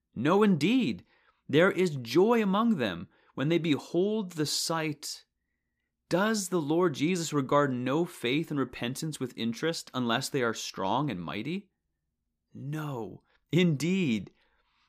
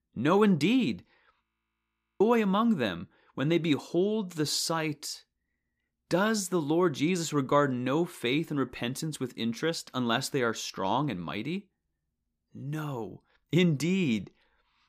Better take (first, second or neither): first